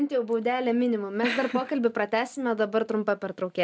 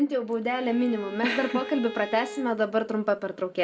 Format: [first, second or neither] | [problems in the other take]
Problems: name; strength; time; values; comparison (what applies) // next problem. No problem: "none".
first | background sound (Bowed string instrument); 14 dB below the speech // room echo; dies away in 0.9 s